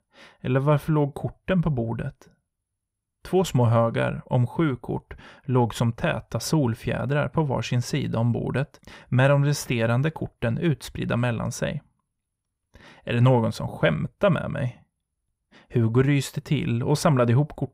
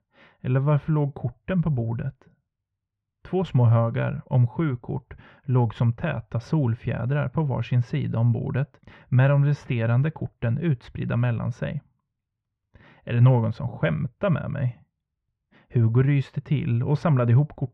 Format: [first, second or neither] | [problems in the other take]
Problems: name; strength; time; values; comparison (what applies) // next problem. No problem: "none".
first | muffled; slightly; fading above 2.5 kHz